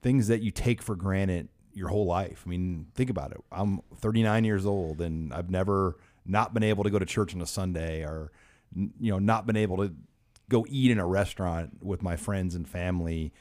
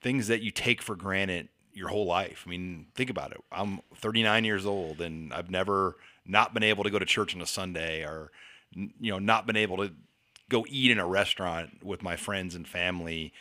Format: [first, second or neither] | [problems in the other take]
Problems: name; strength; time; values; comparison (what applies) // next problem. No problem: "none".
first | thin; somewhat; fading below 350 Hz